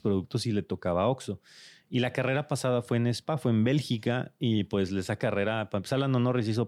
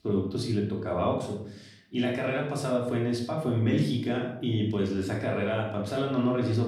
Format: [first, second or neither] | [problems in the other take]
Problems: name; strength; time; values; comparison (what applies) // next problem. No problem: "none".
first | off-mic speech; far // room echo; noticeable; dies away in 0.6 s